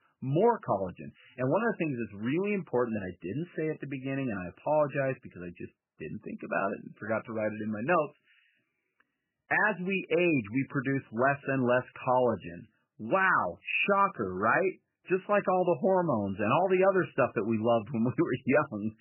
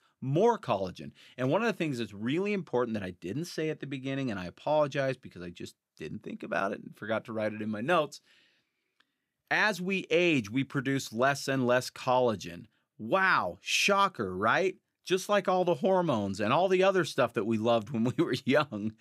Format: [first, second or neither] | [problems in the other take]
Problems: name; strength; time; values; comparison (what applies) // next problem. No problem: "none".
second | garbled, watery; badly; nothing above 3 kHz